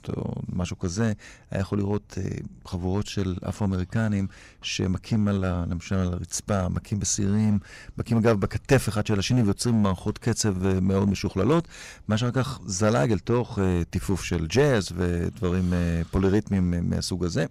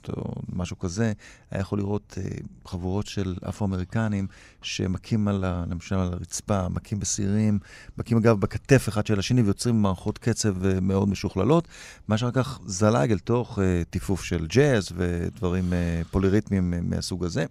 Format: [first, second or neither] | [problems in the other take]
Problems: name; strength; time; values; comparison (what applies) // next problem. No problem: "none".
second | distortion; slight; 3% of the sound clipped